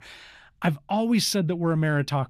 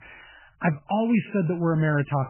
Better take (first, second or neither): first